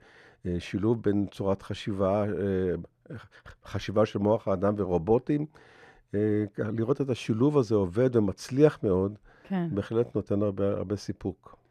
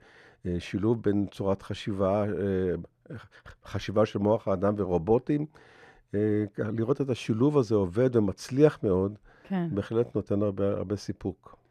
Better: neither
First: muffled; slightly; fading above 2.5 kHz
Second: muffled; slightly; fading above 2.5 kHz

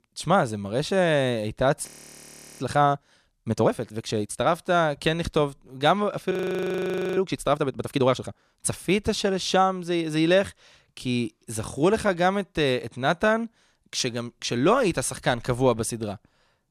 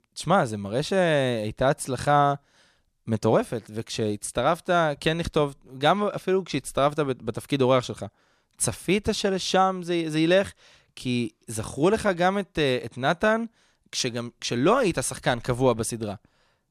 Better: second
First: audio freezing; at 2 s for 0.5 s and at 6.5 s for 1 s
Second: none

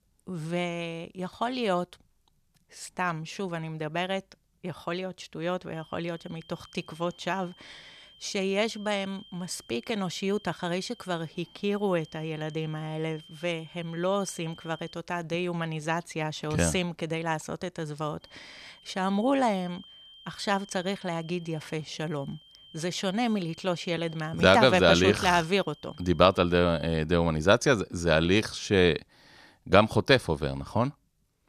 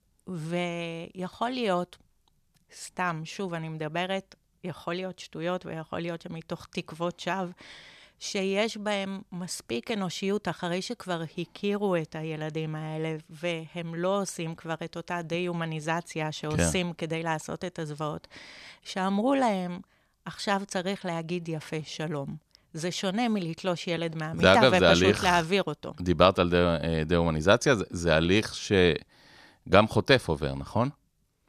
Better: second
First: high-pitched whine; faint; from 5.5 to 15 s and from 18 to 27 s; 3 kHz, 25 dB below the speech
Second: none

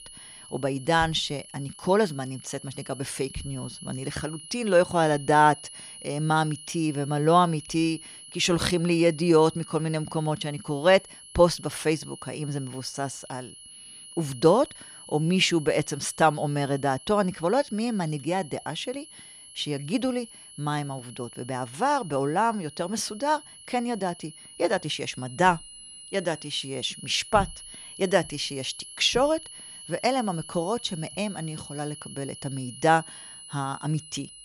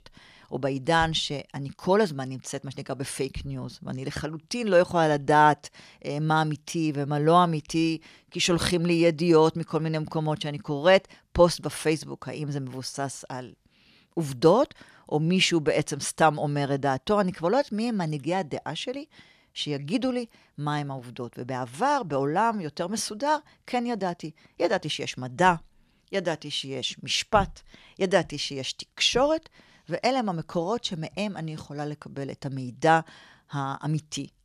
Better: second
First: high-pitched whine; noticeable; throughout; 10.5 kHz, 15 dB below the speech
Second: none

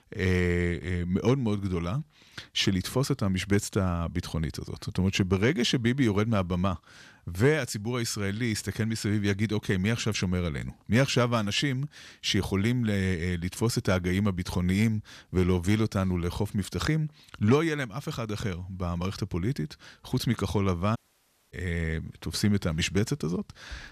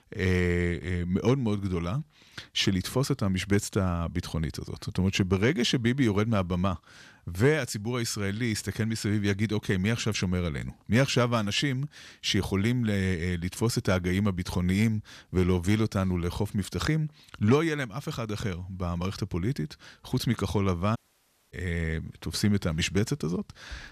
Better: neither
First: audio cutting out; at 21 s for 0.5 s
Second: audio cutting out; at 21 s for 0.5 s

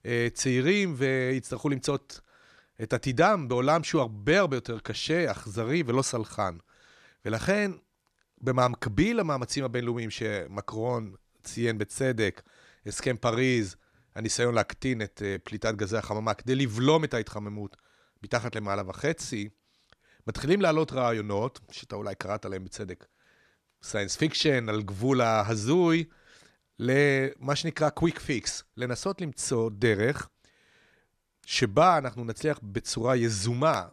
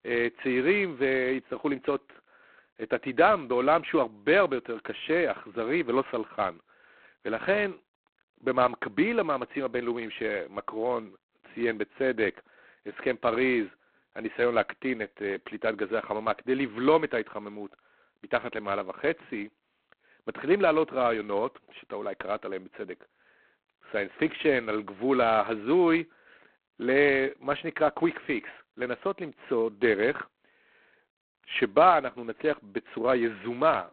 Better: first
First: none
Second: phone-call audio; poor line; nothing above 4 kHz

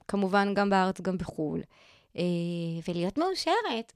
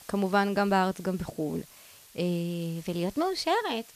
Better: first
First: none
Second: hiss; faint; throughout; 20 dB below the speech

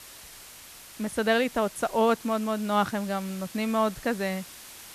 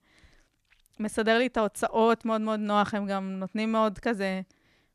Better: second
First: hiss; noticeable; throughout; 15 dB below the speech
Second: none

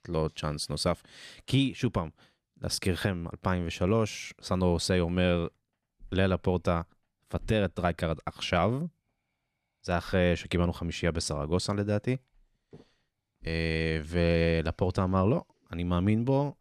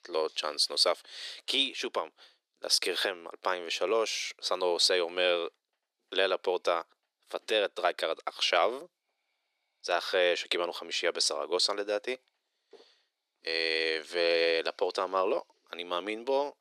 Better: first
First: none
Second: thin; very; fading below 400 Hz

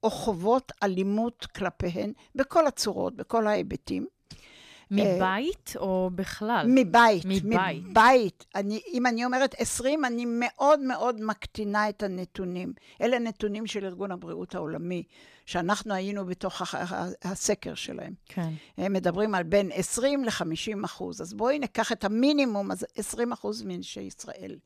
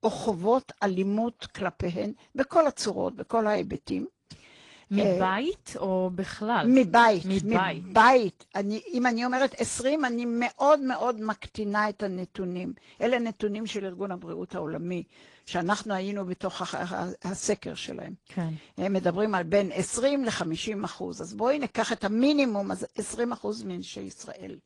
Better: first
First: none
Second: garbled, watery; slightly

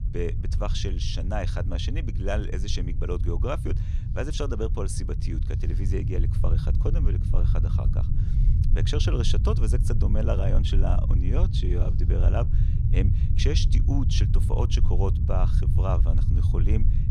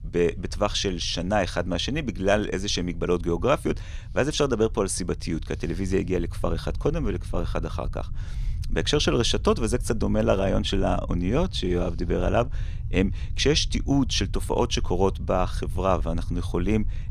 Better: second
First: low rumble; loud; throughout; 6 dB below the speech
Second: low rumble; faint; throughout; 25 dB below the speech

